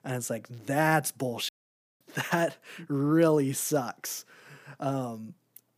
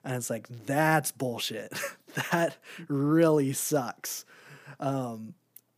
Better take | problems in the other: second | audio cutting out; at 1.5 s for 0.5 s

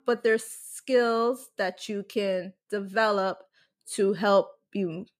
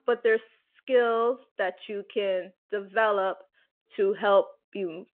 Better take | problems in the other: first | phone-call audio

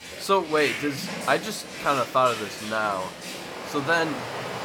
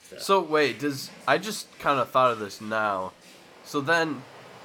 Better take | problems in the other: second | rain or running water; loud; throughout; 8 dB below the speech; faint in the second

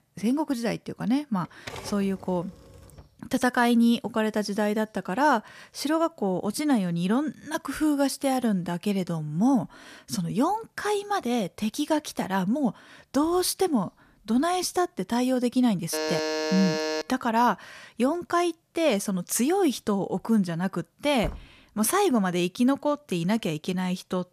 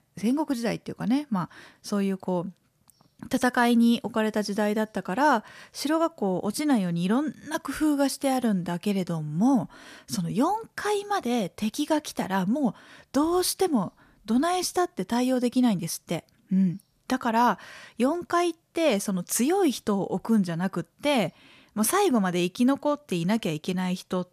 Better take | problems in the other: second | keyboard typing; faint; from 1.5 to 3 s; peak 10 dB below the speech // alarm; noticeable; from 16 to 17 s; peak 1 dB below the speech // door banging; faint; at 21 s; peak 15 dB below the speech

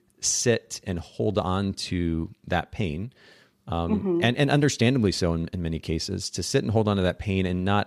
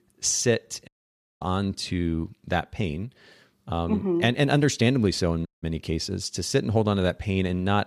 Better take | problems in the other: first | audio cutting out; at 1 s for 0.5 s and at 5.5 s

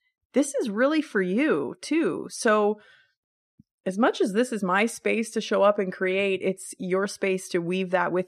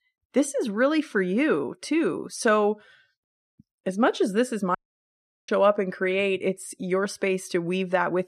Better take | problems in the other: first | audio cutting out; at 5 s for 0.5 s

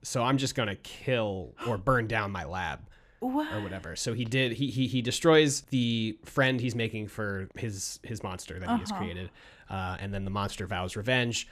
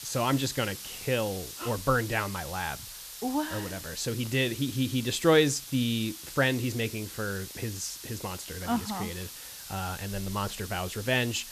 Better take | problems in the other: first | hiss; noticeable; throughout; 10 dB below the speech

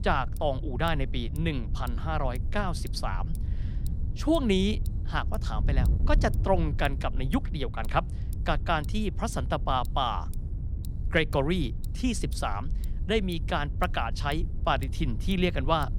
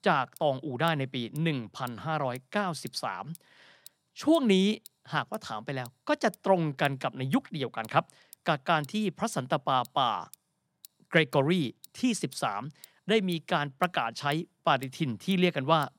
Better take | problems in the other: second | wind noise on the microphone; occasional gusts; 20 dB below the speech

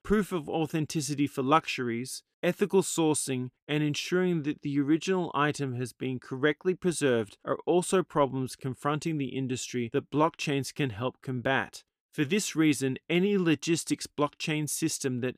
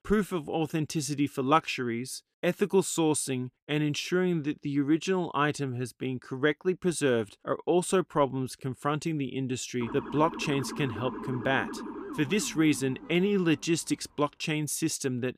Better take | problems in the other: first | siren; noticeable; from 10 to 14 s; peak 9 dB below the speech

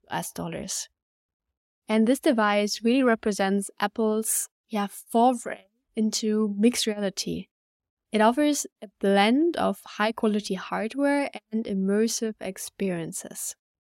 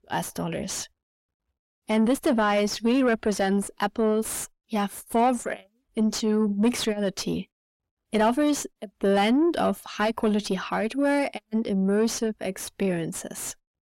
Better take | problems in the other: first | distortion; slight; 9 dB below the speech

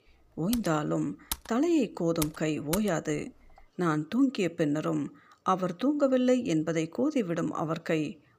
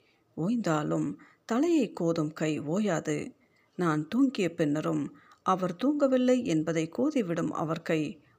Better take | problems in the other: second | keyboard typing; noticeable; from 0.5 to 3 s; peak 8 dB below the speech

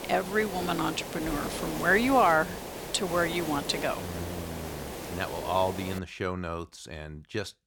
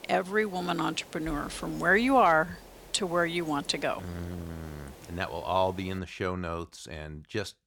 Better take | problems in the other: second | hiss; loud; until 6 s; 8 dB below the speech; faint in the second

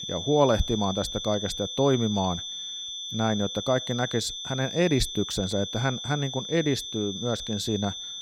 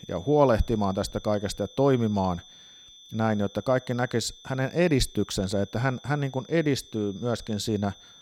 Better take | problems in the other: second | high-pitched whine; loud; throughout; 3.5 kHz, 6 dB below the speech; faint in the second

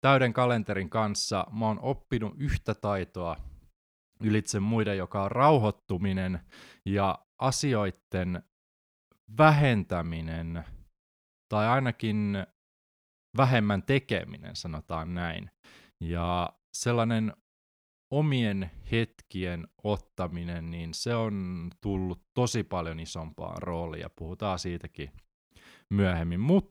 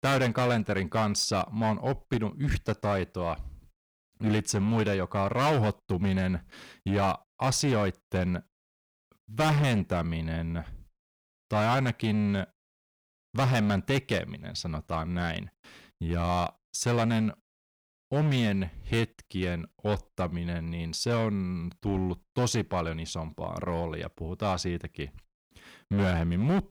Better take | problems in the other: first | distortion; heavy; 9% of the sound clipped

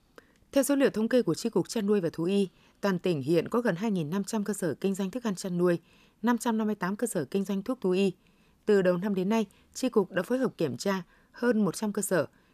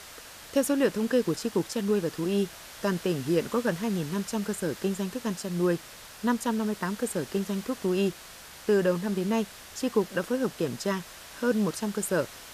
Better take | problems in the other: first | hiss; noticeable; throughout; 15 dB below the speech

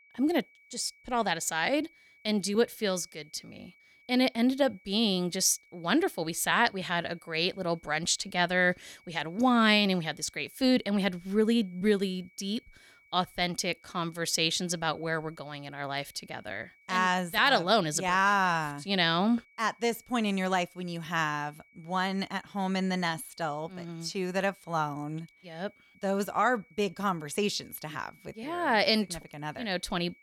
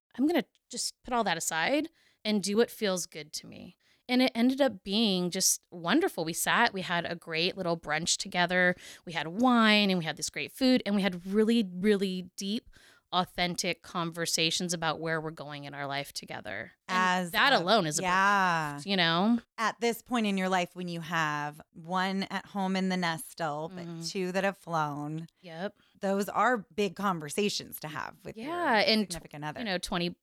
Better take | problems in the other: second | high-pitched whine; faint; throughout; 2.5 kHz, 30 dB below the speech

